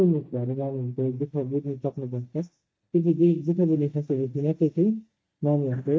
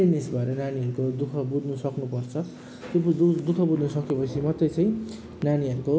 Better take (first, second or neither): second